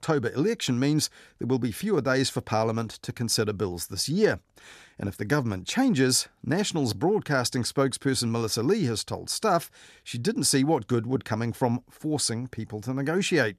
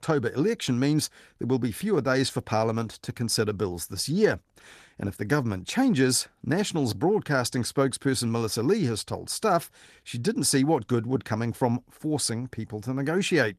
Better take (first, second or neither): first